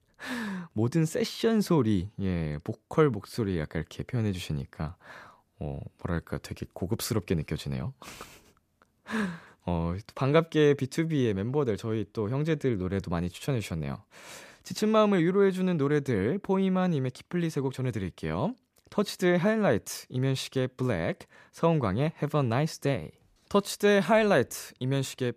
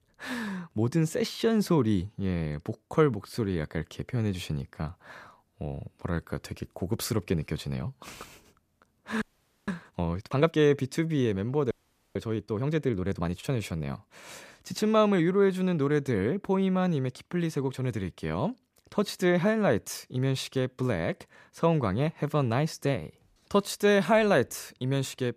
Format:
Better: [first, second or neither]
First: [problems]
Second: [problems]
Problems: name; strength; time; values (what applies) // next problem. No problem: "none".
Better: first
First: none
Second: audio freezing; at 9 s and at 12 s